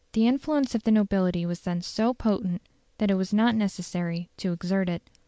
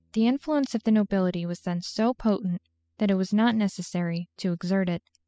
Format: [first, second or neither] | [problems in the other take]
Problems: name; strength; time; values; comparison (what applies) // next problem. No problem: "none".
first | noise reduction (classical method spectral subtraction)